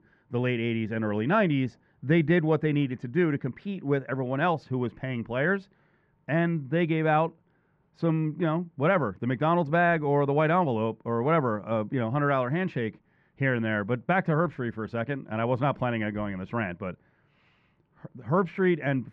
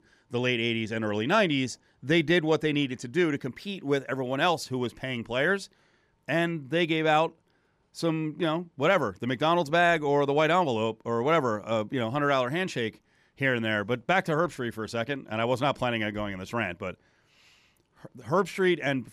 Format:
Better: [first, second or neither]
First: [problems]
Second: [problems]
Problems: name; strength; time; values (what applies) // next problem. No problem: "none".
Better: second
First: muffled; very; fading above 1.5 kHz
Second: none